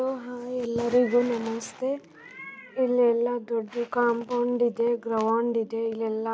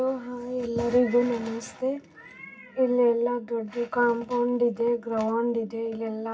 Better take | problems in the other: first | room echo; dies away in 0.4 s

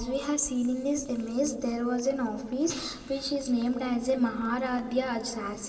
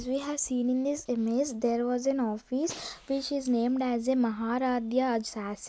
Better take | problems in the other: second | background sound (Motorcycle); 19 dB below the speech // room echo; dies away in 2.2 s

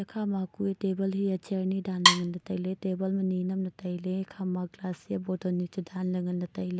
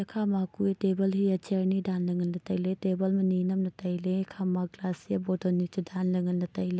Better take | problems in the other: second | background sound (Wood); 4 dB above the speech

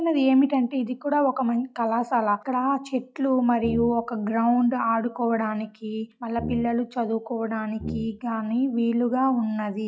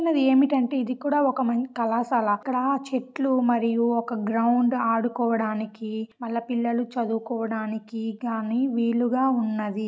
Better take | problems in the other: second | noise reduction (classical method log-MMSE)

